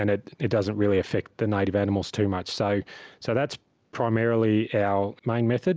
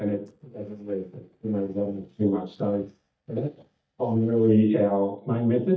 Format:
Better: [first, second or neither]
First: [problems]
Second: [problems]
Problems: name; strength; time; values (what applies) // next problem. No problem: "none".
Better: first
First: none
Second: noise reduction (neural mask model DeepFilterNet 3)